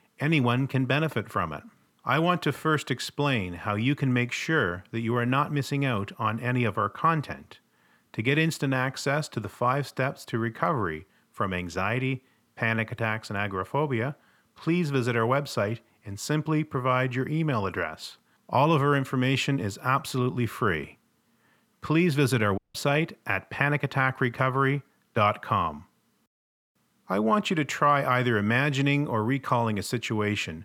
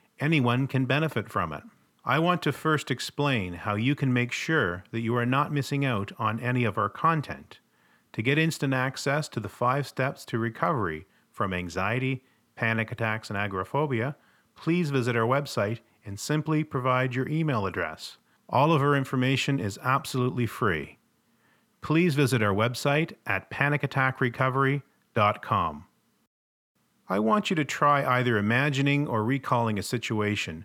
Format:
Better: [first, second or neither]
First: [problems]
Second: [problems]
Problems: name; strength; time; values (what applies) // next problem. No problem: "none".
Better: second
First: audio cutting out; at 23 s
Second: none